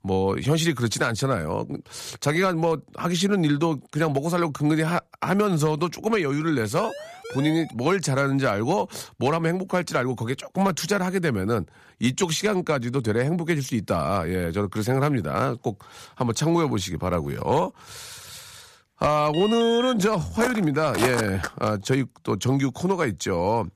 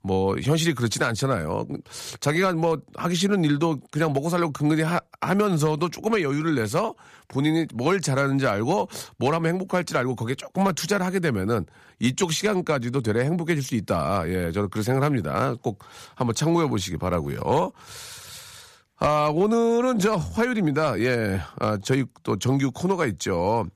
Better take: second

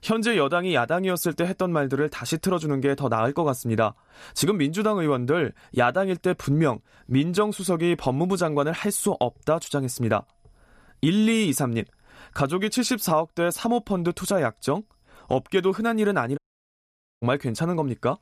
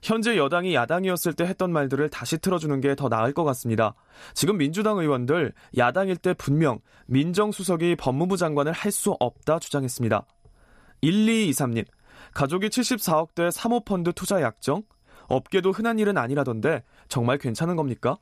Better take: second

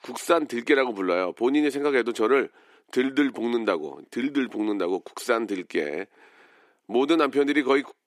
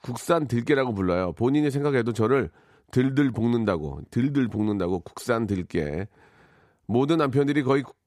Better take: second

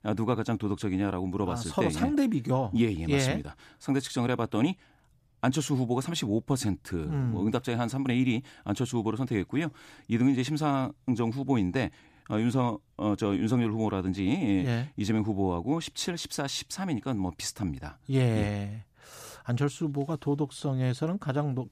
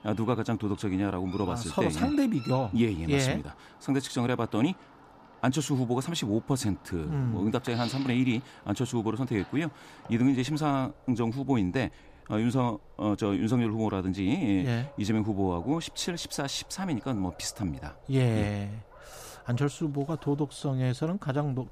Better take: first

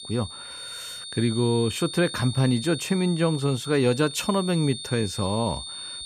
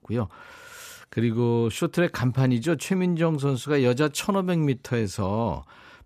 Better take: second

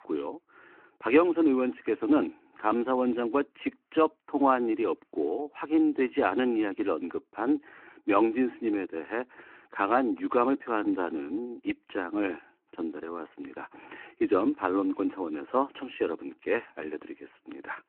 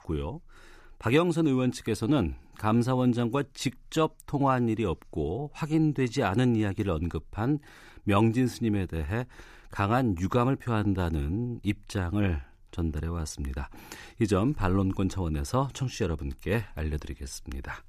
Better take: second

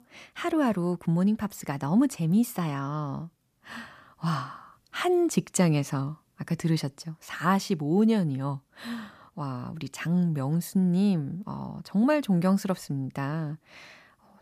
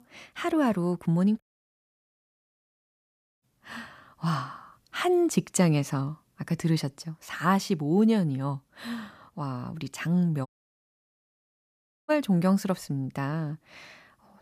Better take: first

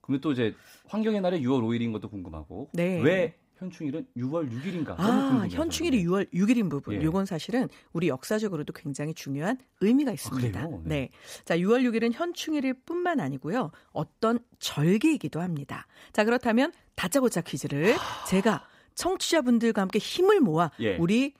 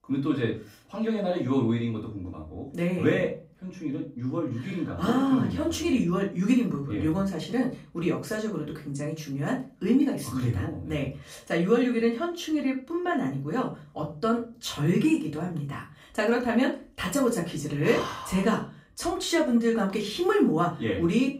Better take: first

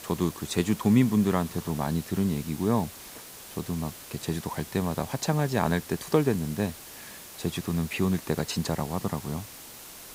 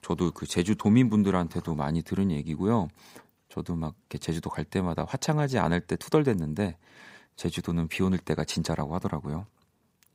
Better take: second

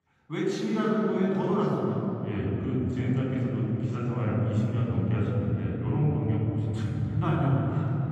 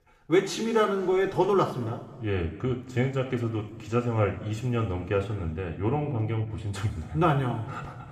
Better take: second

